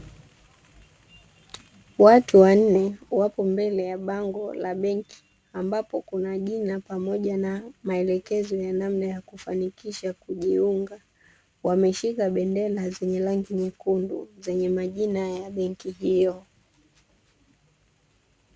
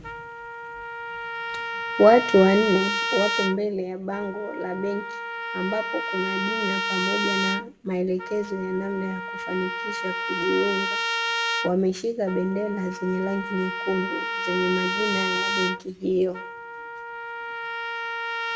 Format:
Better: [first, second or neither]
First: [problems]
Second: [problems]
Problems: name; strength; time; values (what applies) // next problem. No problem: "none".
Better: first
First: none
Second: background sound (Trumpet); 3 dB below the speech // room echo; dies away in 0.5 s